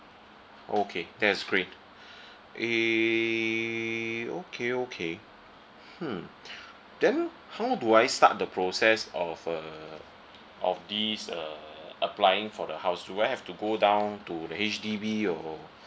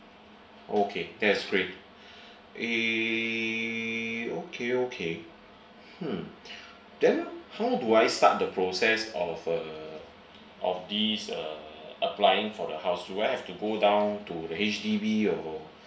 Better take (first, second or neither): first